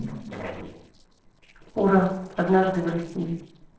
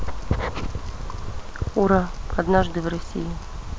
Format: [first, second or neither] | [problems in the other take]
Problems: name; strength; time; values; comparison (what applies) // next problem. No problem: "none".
second | noise reduction (neural separator model SepFormer DNS4)